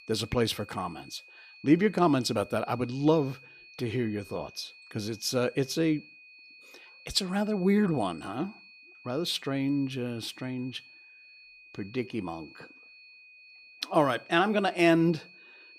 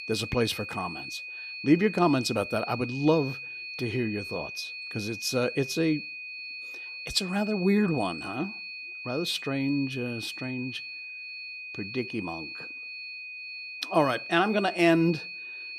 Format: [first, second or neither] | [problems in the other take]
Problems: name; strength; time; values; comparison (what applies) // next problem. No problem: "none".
first | high-pitched whine; loud; throughout; 2.5 kHz, 9 dB below the speech; faint in the first